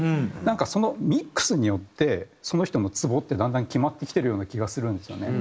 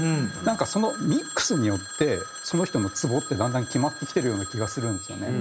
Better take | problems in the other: first | background sound (Telephone); 11 dB below the speech

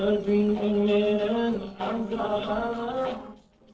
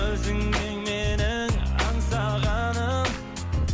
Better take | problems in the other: second | noise reduction (neural separator model SepFormer DNS4)

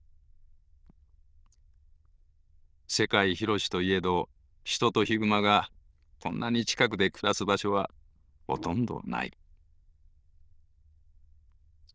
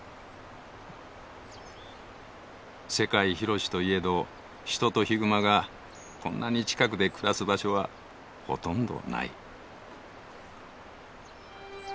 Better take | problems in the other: second | noise reduction (neural diffusion model UNIVERSE++)

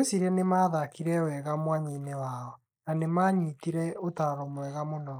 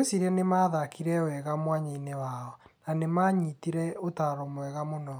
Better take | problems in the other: second | noise reduction (neural mask model Resemble Enhance denoiser)

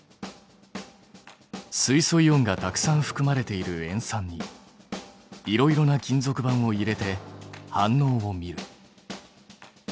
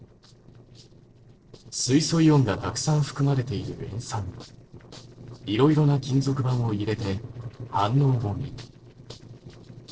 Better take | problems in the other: first | noise reduction (neural separator model SepFormer DNS4)

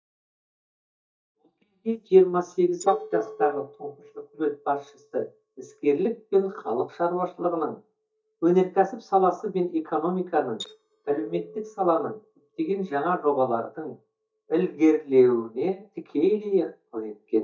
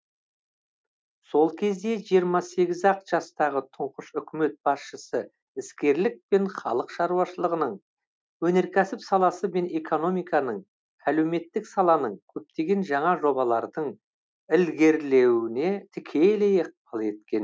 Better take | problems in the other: second | noise reduction (neural mask model DeepFilterNet 3)

